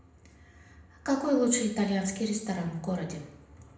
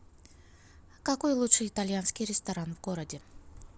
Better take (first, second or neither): second